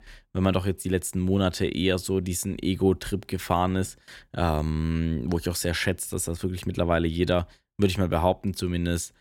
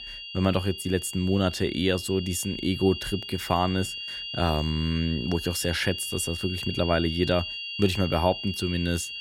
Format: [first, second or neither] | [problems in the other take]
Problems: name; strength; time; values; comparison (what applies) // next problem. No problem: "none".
first | high-pitched whine; loud; throughout; 3 kHz, 7 dB below the speech